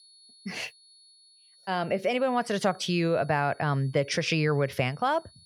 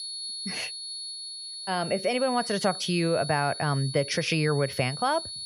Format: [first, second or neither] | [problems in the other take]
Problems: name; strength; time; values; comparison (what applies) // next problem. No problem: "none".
first | high-pitched whine; loud; throughout; 4.5 kHz, 8 dB below the speech; faint in the first